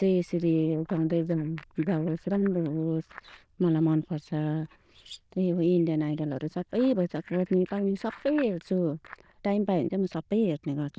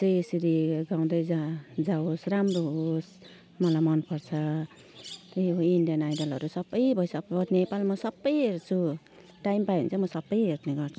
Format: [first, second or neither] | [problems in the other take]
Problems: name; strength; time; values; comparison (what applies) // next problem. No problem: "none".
second | noise reduction (neural diffusion model UNIVERSE++)